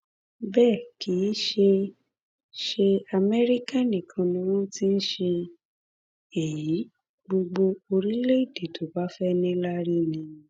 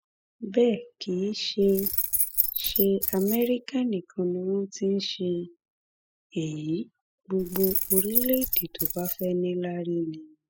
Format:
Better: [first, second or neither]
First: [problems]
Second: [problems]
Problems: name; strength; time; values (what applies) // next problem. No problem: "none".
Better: first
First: none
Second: noise reduction (classical method spectral subtraction)